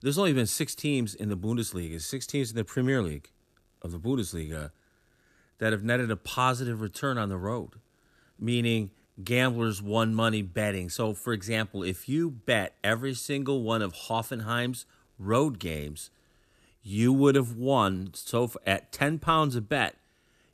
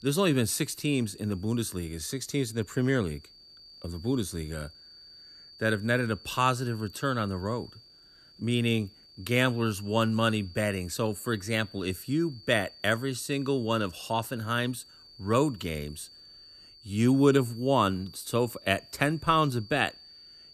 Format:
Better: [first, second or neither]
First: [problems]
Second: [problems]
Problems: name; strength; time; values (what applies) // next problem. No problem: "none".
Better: first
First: none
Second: high-pitched whine; faint; throughout; 4.5 kHz, 20 dB below the speech